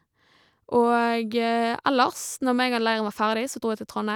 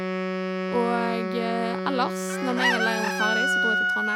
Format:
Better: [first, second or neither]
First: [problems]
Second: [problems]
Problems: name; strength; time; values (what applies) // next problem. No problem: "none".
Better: first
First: none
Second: background sound (Chicken, rooster + Wind instrument, woodwind instrument); 3 dB above the speech